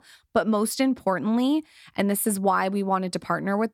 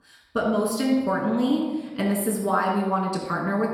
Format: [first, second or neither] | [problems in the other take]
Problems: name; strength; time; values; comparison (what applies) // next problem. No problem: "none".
first | off-mic speech; somewhat distant // room echo; noticeable; dies away in 1 s